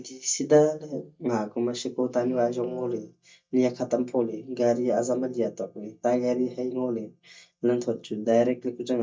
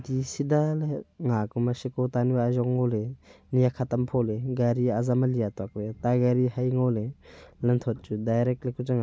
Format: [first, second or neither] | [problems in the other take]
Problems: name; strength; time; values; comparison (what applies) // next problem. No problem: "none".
second | noise reduction (neural mask model DeepFilterNet 3)